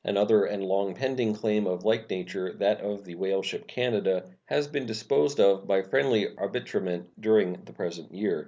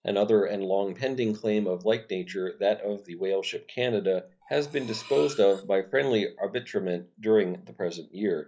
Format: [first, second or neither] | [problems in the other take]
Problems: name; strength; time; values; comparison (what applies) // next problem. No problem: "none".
first | noise reduction (classical method log-MMSE)